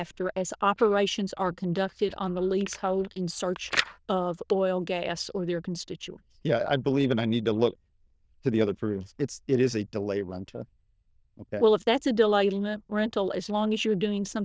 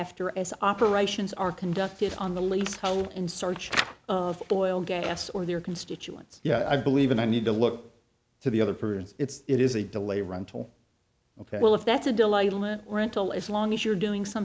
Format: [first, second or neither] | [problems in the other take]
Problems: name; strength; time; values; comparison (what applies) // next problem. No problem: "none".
second | noise reduction (neural diffusion model UNIVERSE++)